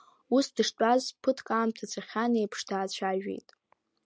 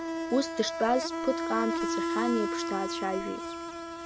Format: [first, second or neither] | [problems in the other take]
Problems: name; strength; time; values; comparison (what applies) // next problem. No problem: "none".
first | background sound (Insect); 1 dB below the speech